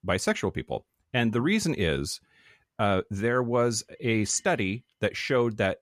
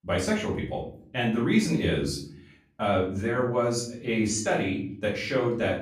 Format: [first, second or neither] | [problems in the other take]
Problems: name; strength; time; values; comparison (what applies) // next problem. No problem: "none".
first | off-mic speech; far // room echo; slight; dies away in 0.5 s